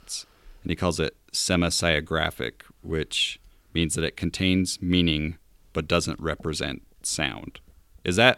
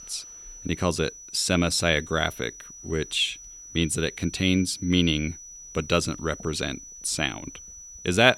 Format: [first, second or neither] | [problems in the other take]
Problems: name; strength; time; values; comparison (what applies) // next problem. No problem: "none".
first | high-pitched whine; noticeable; throughout; 6 kHz, 15 dB below the speech